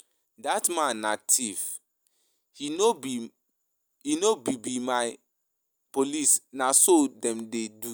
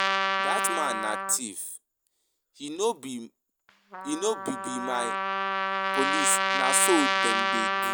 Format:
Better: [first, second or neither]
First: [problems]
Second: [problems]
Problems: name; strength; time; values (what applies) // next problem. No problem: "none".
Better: first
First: none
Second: background sound (Trumpet); 2 dB above the speech